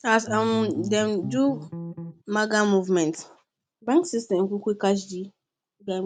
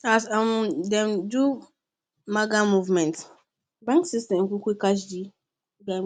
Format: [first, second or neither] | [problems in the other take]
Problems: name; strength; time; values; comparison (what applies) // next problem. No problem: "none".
second | background sound (Bass guitar); 10 dB below the speech